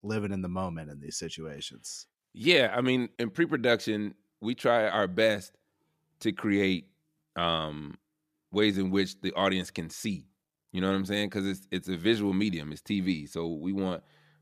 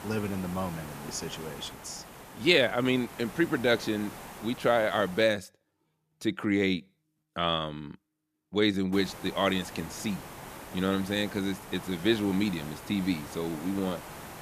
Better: first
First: none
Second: hiss; noticeable; until 5 s and from 9 s on; 15 dB below the speech

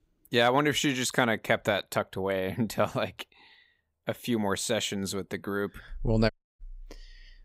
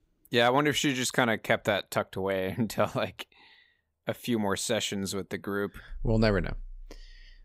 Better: second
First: audio cutting out; at 6.5 s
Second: none

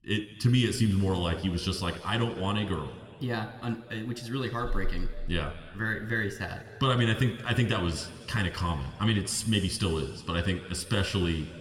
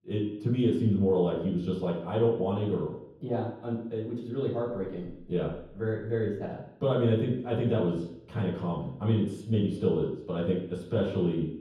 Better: first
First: room echo; slight; dies away in 2 s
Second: room echo; strong; dies away in 0.9 s // off-mic speech; far

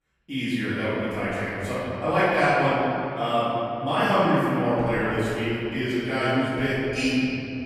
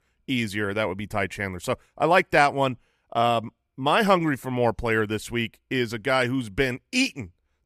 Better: second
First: off-mic speech; far // room echo; strong; dies away in 2.8 s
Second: none

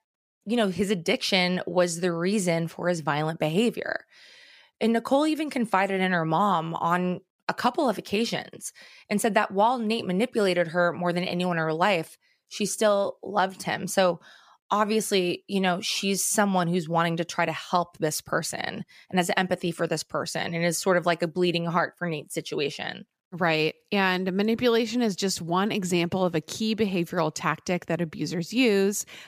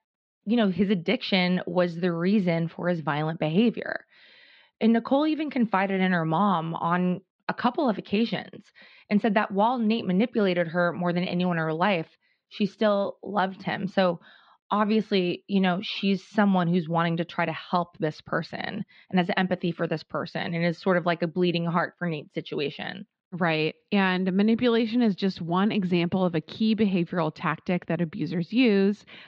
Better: first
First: none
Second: muffled; slightly; fading above 4 kHz

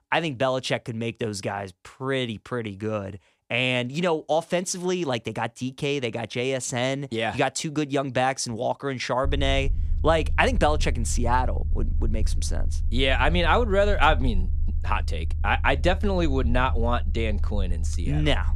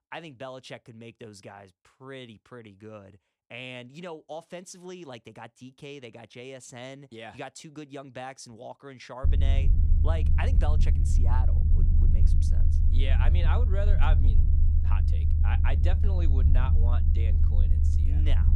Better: first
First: low rumble; faint; from 9 s on; 20 dB below the speech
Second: low rumble; loud; from 9 s on; 3 dB below the speech

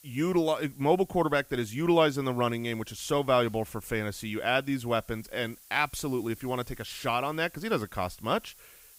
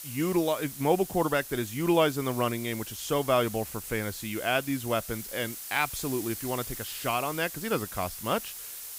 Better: first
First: hiss; faint; throughout; 25 dB below the speech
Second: hiss; loud; throughout; 9 dB below the speech

